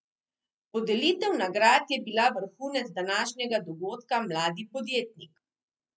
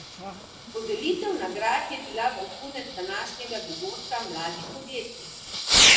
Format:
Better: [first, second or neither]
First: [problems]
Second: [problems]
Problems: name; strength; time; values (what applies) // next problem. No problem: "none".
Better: first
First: none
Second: background sound (Fireworks); 4 dB above the speech // room echo; dies away in 1 s